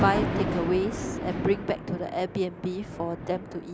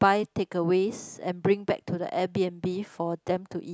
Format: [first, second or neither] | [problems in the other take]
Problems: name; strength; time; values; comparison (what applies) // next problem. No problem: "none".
second | background sound (Thunder); 4 dB below the speech